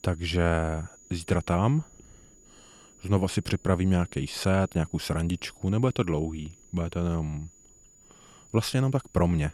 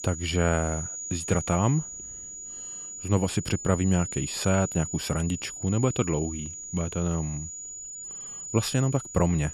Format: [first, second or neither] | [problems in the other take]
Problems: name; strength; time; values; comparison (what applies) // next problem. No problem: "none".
first | high-pitched whine; loud; throughout; 7 kHz, 8 dB below the speech; faint in the first